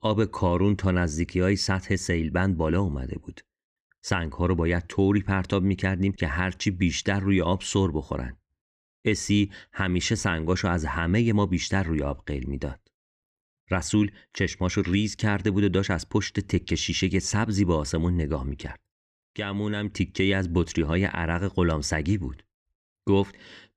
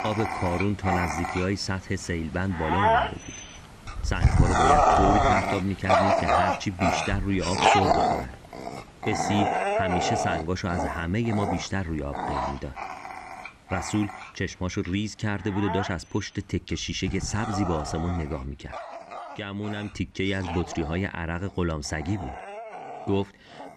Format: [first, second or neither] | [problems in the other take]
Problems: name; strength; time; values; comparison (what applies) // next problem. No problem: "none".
first | animal sounds; very loud; throughout; 3 dB above the speech